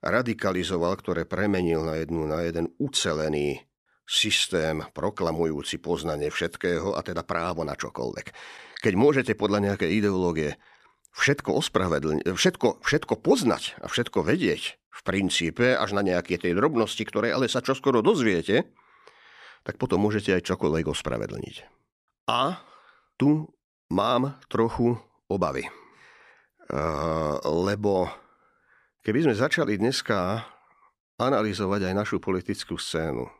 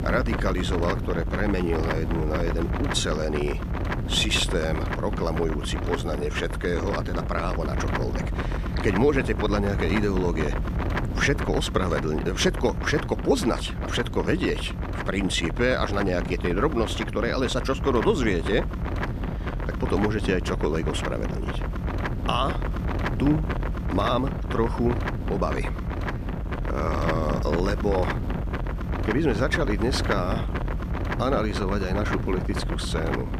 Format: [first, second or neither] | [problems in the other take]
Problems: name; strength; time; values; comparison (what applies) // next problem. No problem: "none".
first | wind noise on the microphone; heavy; 6 dB below the speech